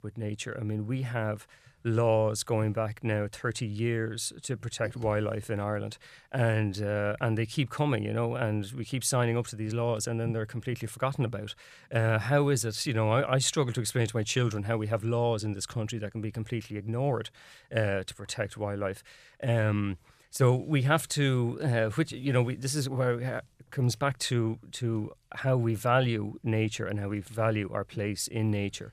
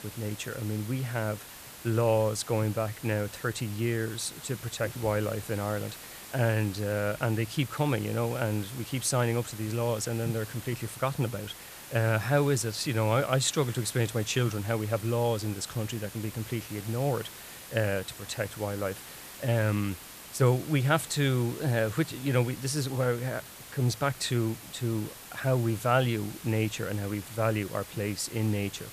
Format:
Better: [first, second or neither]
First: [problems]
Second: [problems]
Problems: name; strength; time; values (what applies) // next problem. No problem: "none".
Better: first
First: none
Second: hiss; noticeable; throughout; 15 dB below the speech